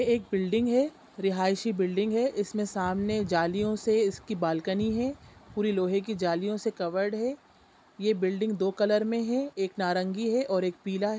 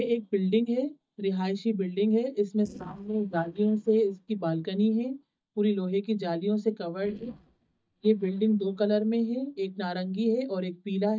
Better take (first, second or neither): first